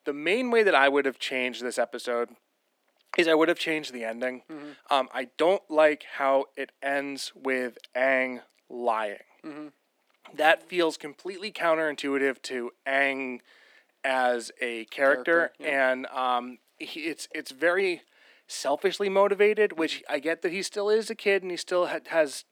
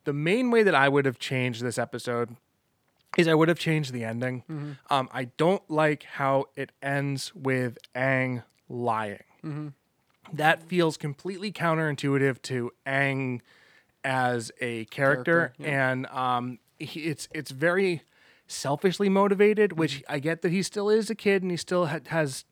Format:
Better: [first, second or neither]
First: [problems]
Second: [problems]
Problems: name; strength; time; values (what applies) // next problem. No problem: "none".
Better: second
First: thin; somewhat; fading below 250 Hz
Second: none